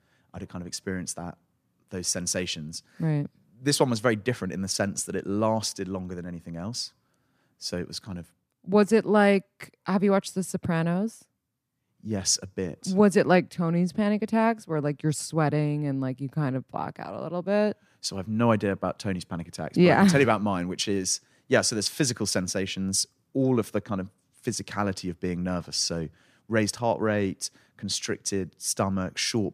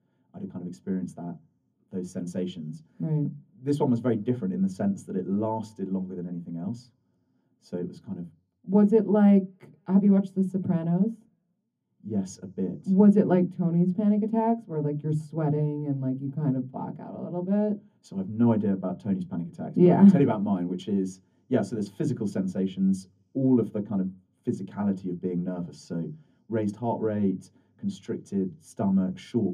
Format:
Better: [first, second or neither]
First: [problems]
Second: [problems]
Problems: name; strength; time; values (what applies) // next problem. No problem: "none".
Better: first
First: none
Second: room echo; very slight; dies away in 0.3 s // off-mic speech; far